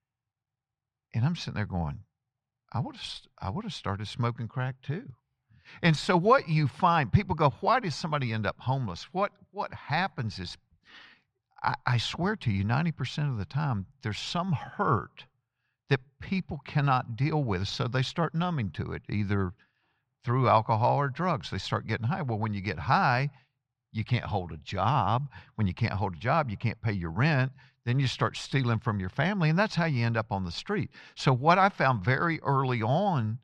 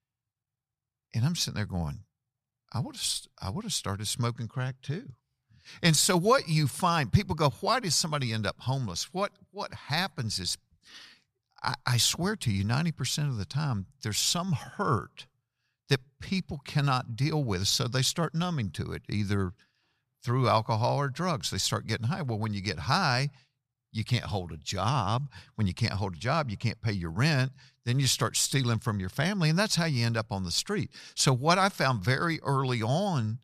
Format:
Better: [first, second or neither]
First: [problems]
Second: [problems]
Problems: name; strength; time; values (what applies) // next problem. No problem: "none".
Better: second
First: muffled; slightly; fading above 2.5 kHz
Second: none